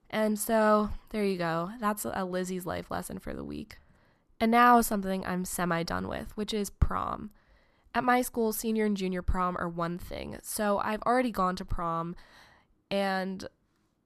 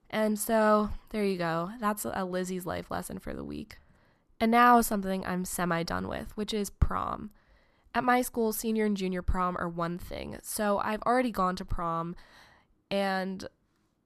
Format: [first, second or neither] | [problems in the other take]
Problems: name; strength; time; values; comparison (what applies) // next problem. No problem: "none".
neither | none